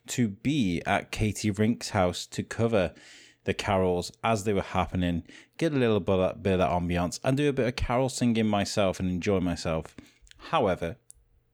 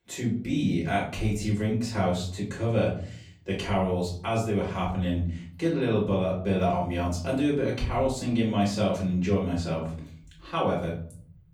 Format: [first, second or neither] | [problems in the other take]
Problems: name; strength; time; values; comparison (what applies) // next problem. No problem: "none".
first | room echo; slight; dies away in 0.7 s // off-mic speech; far